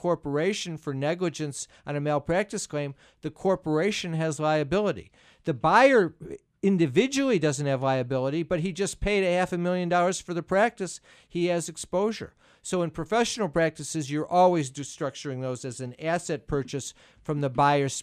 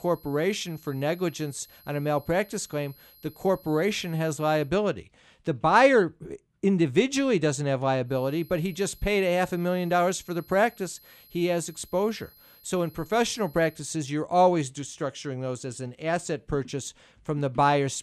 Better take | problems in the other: first | high-pitched whine; faint; until 4.5 s and from 8 to 14 s; 11.5 kHz, 25 dB below the speech

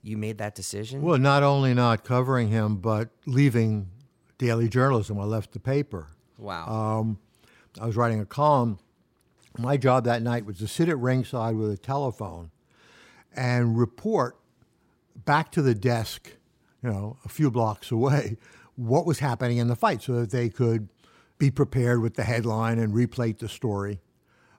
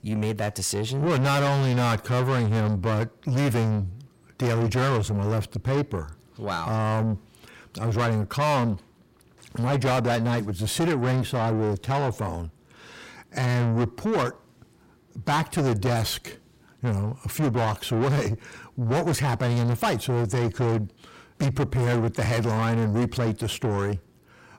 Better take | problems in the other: first | distortion; heavy; 6 dB below the speech

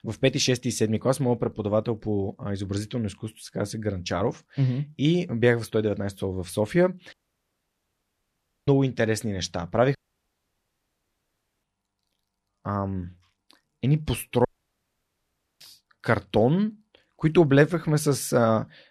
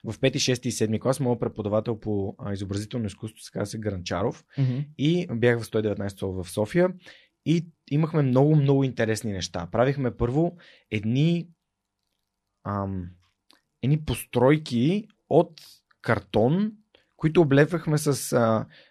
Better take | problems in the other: second | audio cutting out; at 7 s for 1.5 s, at 10 s for 1.5 s and at 14 s for 1 s

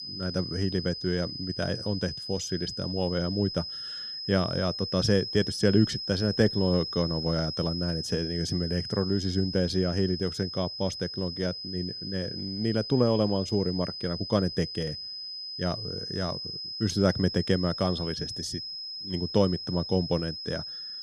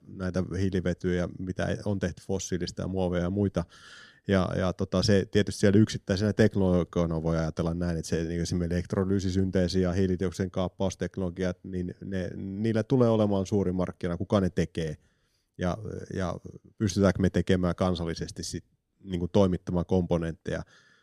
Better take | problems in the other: second | high-pitched whine; loud; throughout; 5 kHz, 6 dB below the speech

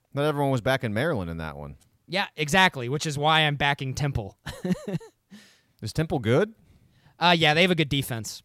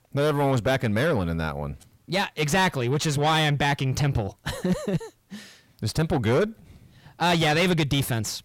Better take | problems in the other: first | distortion; heavy; 6 dB below the speech

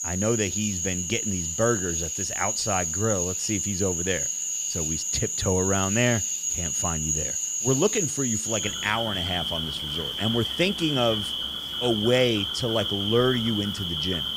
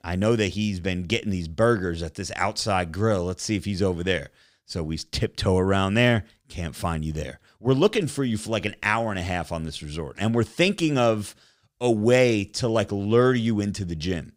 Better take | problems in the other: second | animal sounds; very loud; throughout; 1 dB above the speech

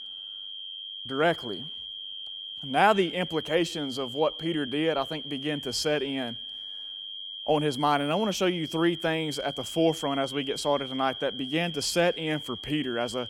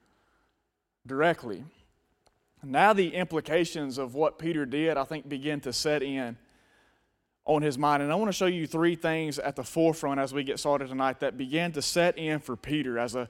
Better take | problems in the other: second | high-pitched whine; loud; throughout; 3 kHz, 8 dB below the speech

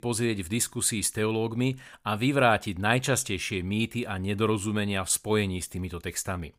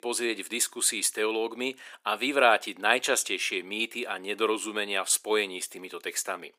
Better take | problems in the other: first | thin; somewhat; fading below 350 Hz

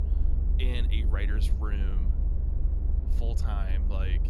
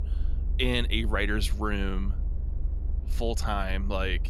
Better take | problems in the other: second | low rumble; loud; throughout; 7 dB below the speech; faint in the second

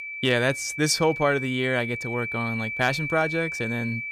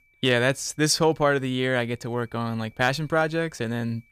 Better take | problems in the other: second | high-pitched whine; loud; throughout; 2.5 kHz, 5 dB below the speech; faint in the second

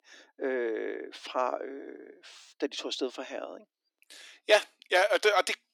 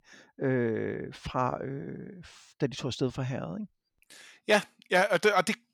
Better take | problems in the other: second | thin; somewhat; fading below 300 Hz

